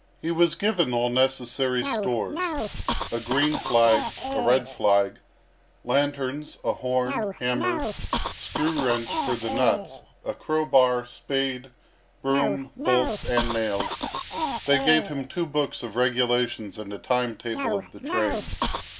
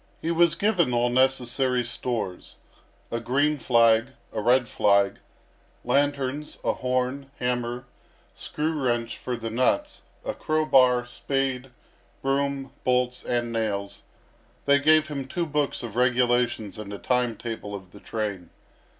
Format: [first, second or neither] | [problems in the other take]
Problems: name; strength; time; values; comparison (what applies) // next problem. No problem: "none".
second | background sound (Cough); 6 dB below the speech